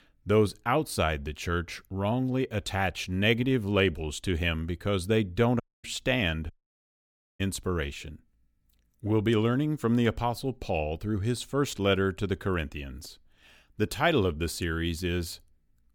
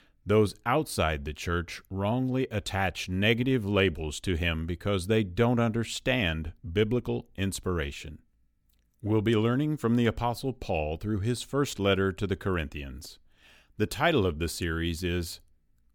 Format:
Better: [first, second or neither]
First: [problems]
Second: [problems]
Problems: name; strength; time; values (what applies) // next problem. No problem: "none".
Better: second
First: audio cutting out; at 5.5 s and at 6.5 s for 1 s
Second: none